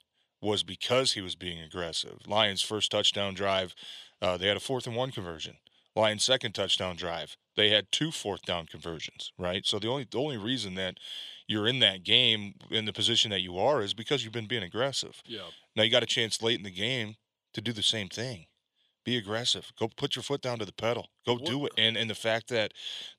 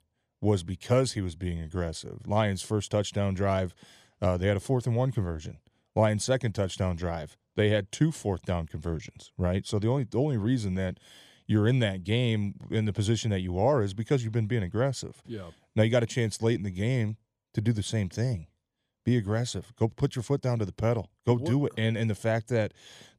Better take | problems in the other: second | thin; somewhat; fading below 1 kHz

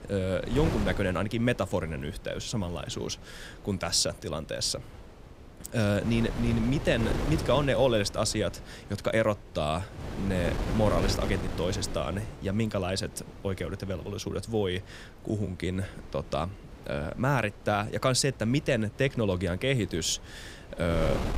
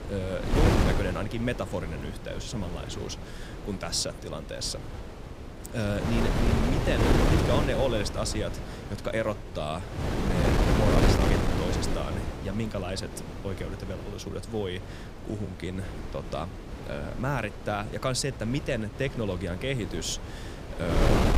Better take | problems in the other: first | wind noise on the microphone; heavy; as loud as the speech; occasional gusts in the first

